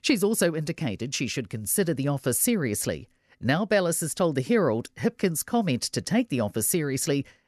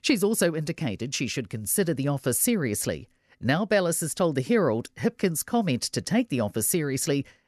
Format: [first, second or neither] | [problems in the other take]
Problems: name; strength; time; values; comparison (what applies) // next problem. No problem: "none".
neither | none